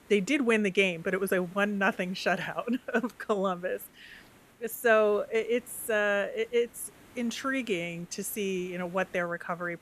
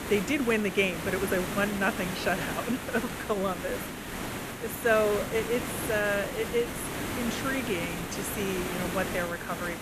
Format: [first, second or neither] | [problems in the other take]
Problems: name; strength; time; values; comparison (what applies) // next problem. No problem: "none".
first | hiss; loud; throughout; 4 dB below the speech; faint in the first